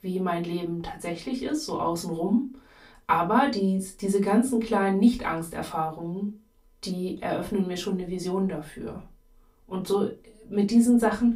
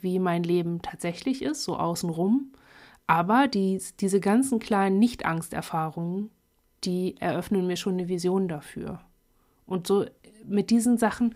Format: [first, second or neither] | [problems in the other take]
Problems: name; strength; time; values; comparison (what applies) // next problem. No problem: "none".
second | off-mic speech; far // room echo; very slight; dies away in 0.2 s